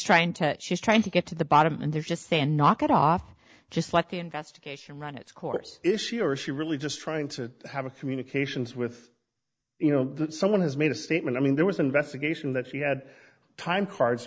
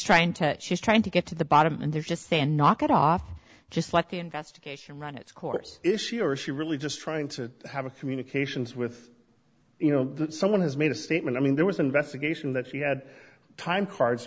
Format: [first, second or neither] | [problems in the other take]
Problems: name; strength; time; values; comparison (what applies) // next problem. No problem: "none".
second | noise reduction (neural mask model DeepFilterNet 3)